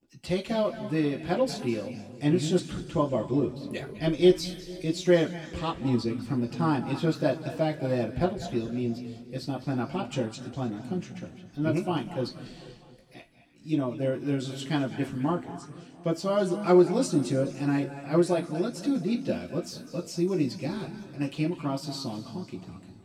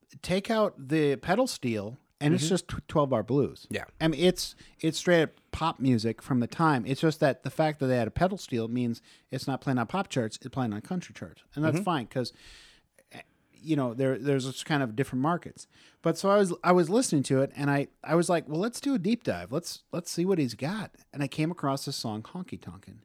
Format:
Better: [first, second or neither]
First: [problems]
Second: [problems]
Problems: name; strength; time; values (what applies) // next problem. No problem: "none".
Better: second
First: room echo; slight; dies away in 2.2 s // off-mic speech; far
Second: none